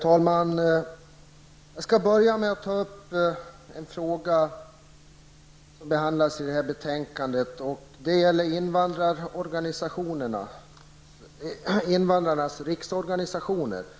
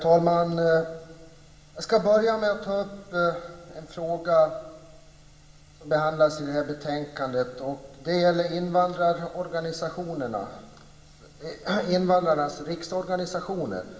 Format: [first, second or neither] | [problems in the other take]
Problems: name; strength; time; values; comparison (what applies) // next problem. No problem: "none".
first | room echo; dies away in 1.1 s